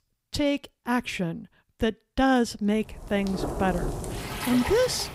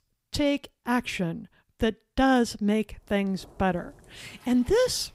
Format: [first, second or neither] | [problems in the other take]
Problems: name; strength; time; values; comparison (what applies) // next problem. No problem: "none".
second | rain or running water; loud; from 3.5 s on; 6 dB below the speech; faint in the second